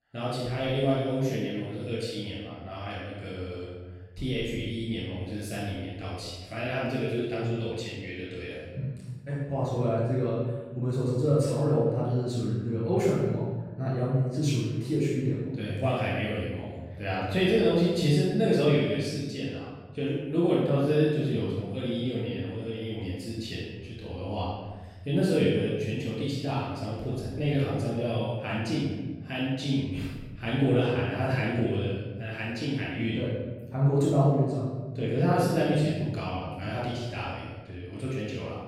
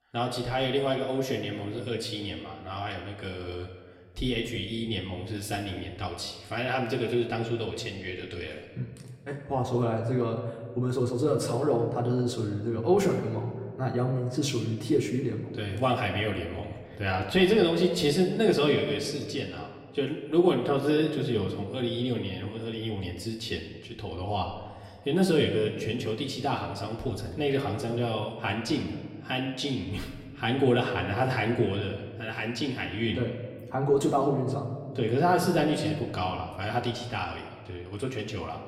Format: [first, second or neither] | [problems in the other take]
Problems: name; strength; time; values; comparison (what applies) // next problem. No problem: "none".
second | room echo; strong; dies away in 1.5 s; slight in the second // off-mic speech; far; somewhat distant in the second